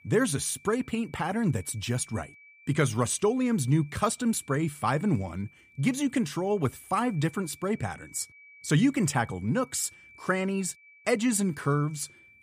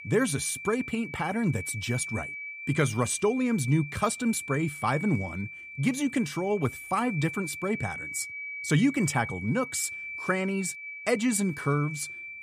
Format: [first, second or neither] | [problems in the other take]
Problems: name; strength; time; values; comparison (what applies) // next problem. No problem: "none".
first | high-pitched whine; loud; throughout; 2.5 kHz, 9 dB below the speech; faint in the first